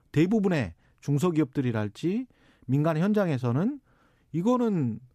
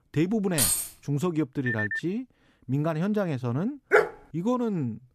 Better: first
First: none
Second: jangling keys; loud; at 0.5 s; peak 6 dB above the speech // phone ringing; noticeable; at 1.5 s; peak level with the speech // dog barking; loud; at 4 s; peak 6 dB above the speech

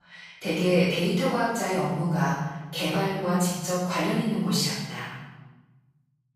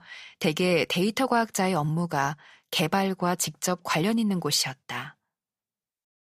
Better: second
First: off-mic speech; far // room echo; strong; dies away in 1 s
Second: none

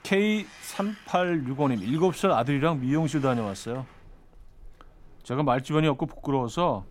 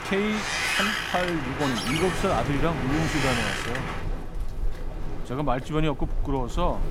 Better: first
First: wind in the background; faint; throughout; 25 dB below the speech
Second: wind in the background; loud; throughout; 1 dB below the speech

